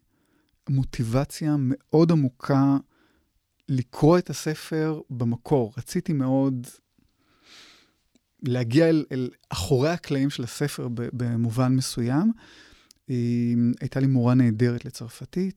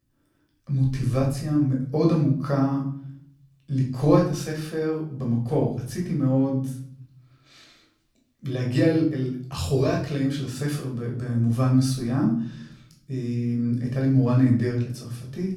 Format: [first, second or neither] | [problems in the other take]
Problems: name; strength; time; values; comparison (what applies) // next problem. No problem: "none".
first | off-mic speech; far // room echo; noticeable; dies away in 0.6 s